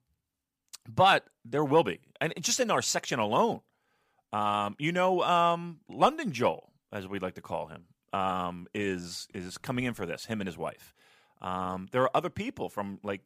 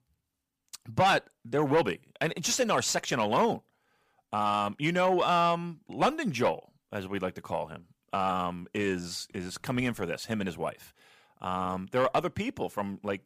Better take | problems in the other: first | distortion; slight; 10 dB below the speech

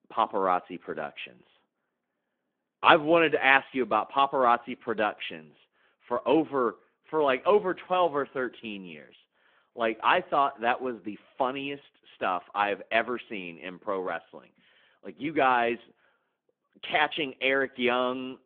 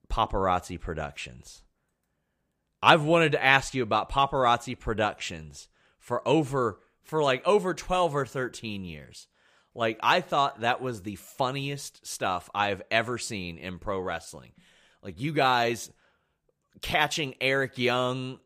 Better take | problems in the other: second | phone-call audio; nothing above 3.5 kHz

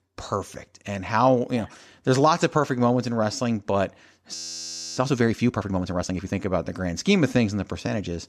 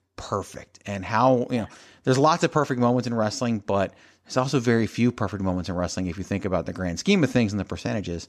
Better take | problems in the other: second | audio freezing; at 4.5 s for 0.5 s

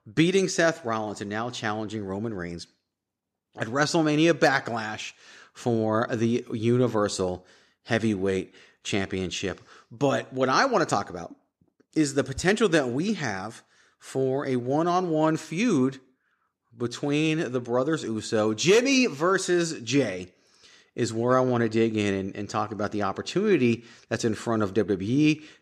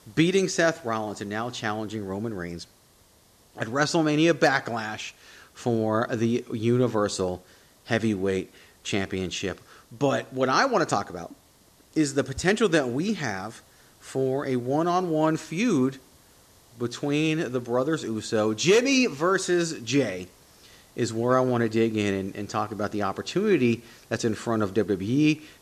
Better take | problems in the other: first | hiss; faint; throughout; 30 dB below the speech

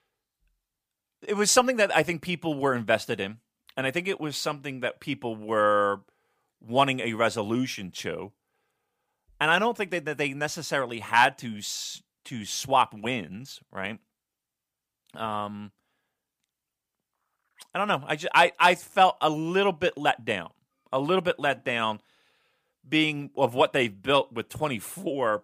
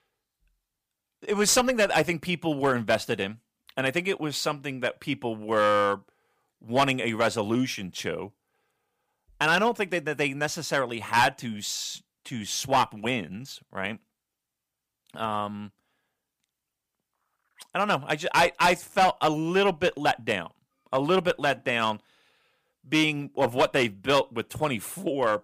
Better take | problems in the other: first | distortion; slight; 3% of the sound clipped

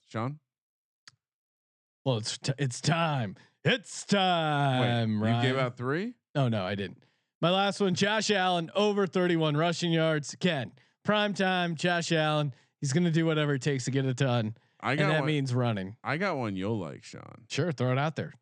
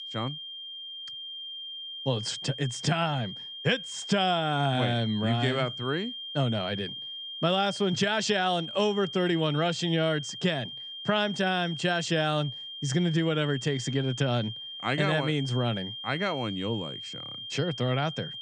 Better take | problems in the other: first | high-pitched whine; loud; throughout; 3 kHz, 8 dB below the speech

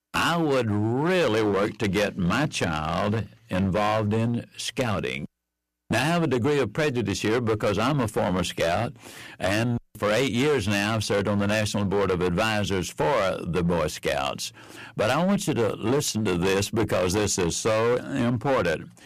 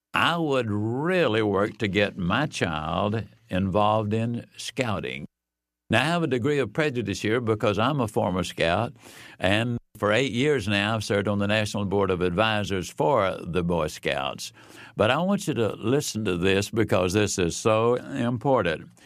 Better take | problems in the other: second | distortion; heavy; 13% of the sound clipped

